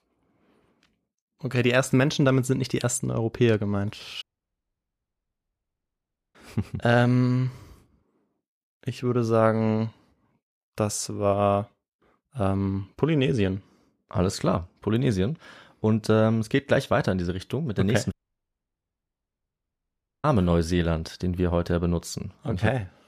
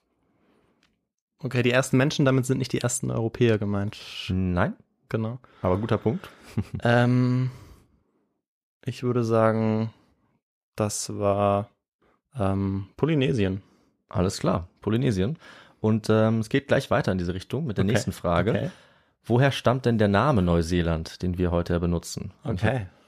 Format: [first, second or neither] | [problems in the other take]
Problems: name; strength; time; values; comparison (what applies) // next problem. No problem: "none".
second | audio cutting out; at 4 s for 2 s and at 18 s for 2 s